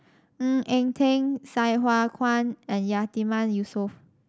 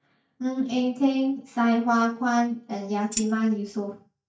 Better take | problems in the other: first | noise reduction (neural mask model DeepFilterNet 3)

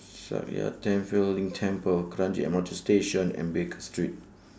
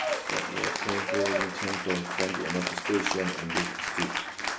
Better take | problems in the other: first | background sound (Applause / Cheering); 2 dB above the speech // room echo; dies away in 0.2 s

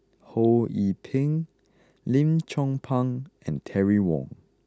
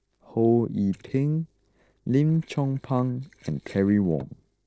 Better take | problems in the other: first | noise reduction (neural separator model SepFormer DNS4)

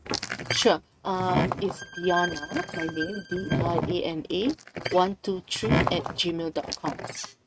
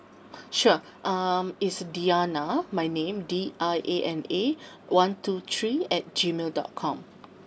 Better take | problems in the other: second | noise reduction (neural mask model RNNoise)

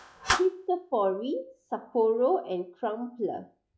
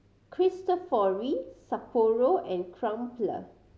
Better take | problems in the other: second | noise reduction (classical method log-MMSE)

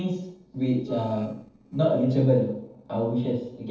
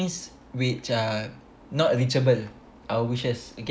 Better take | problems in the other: second | noise reduction (neural separator model SepFormer DNS4)

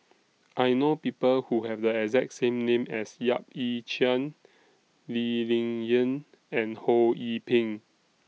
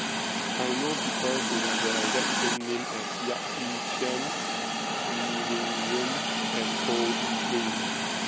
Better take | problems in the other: first | background sound (Hiss); 5 dB above the speech

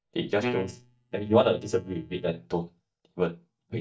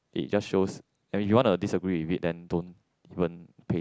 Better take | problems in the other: second | noise reduction (neural mask model DeepFilterNet 3)

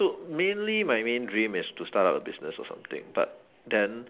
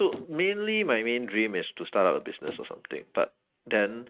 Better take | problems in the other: first | noise reduction (neural mask model RNNoise)

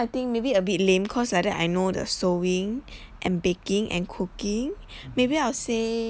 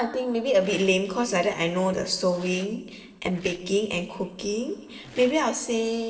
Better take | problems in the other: first | noise reduction (neural separator model SepFormer DNS4)

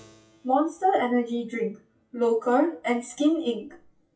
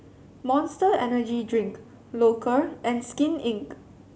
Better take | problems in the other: second | noise reduction (classical method WPE with log-MMSE)

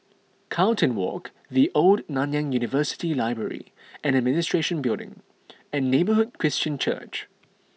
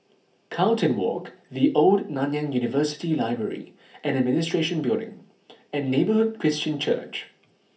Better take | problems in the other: first | room echo; dies away in 0.3 s

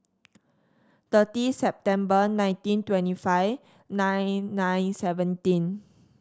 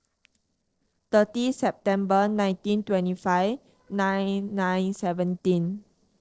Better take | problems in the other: first | noise reduction (neural separator model SepFormer DNS4)

